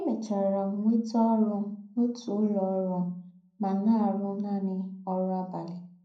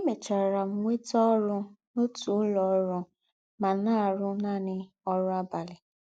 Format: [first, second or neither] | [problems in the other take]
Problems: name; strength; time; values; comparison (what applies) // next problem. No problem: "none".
second | room echo; dies away in 0.5 s